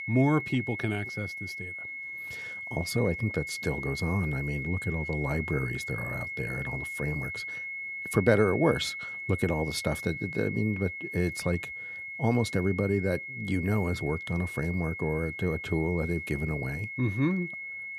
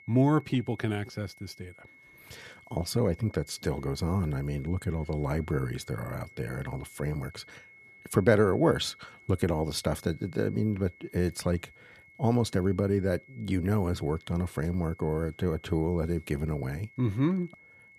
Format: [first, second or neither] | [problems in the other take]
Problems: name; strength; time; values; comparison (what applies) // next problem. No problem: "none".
second | high-pitched whine; loud; throughout; 2 kHz, 6 dB below the speech; faint in the second